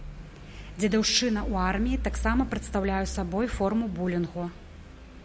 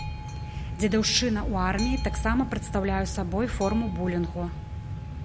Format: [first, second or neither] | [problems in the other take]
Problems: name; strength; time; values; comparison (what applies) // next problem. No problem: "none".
first | background sound (Boat, Water vehicle); 7 dB below the speech